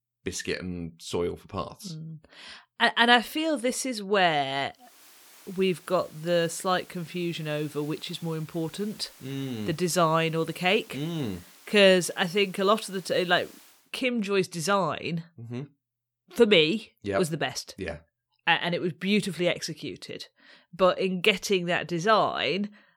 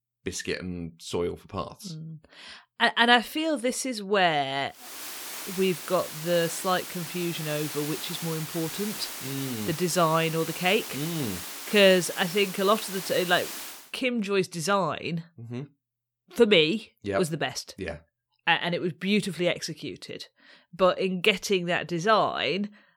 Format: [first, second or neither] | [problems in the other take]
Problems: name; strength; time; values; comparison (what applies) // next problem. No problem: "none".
first | hiss; loud; from 5 to 14 s; 9 dB below the speech; faint in the first